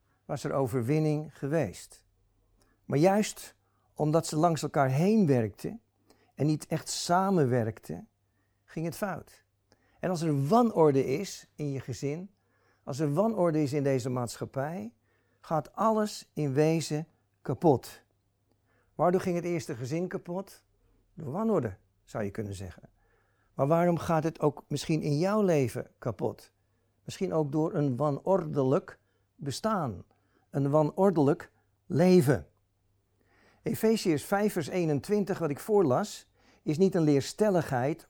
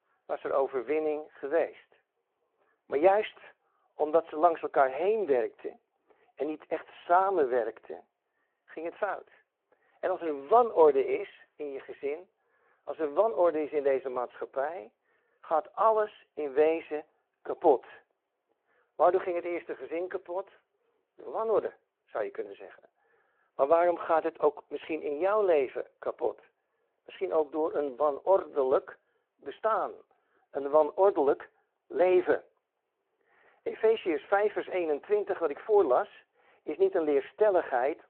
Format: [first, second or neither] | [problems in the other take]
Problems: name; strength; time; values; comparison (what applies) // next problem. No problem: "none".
first | phone-call audio